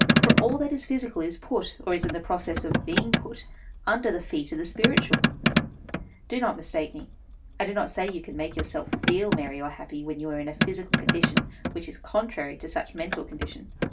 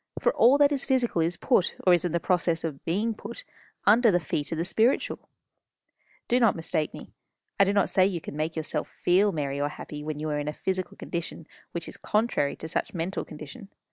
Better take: second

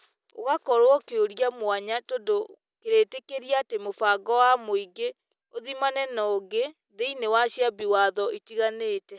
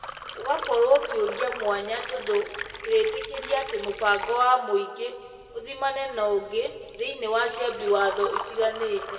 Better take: first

